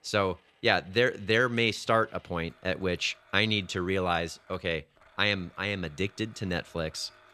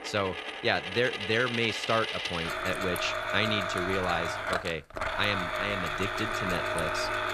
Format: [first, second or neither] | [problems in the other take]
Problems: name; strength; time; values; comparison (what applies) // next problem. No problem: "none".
first | household noises; loud; throughout; 1 dB below the speech; faint in the first